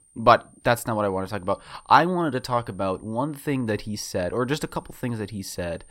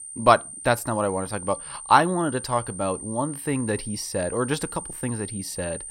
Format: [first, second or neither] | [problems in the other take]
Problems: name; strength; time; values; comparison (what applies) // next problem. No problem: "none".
first | high-pitched whine; loud; throughout; 9 kHz, 10 dB below the speech; faint in the first